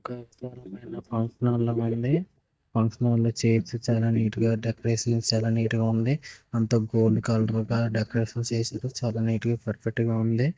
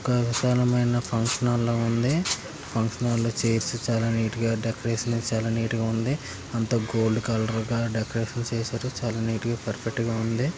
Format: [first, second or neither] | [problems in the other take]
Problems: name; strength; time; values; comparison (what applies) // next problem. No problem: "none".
second | noise reduction (neural mask model DeepFilterNet 3)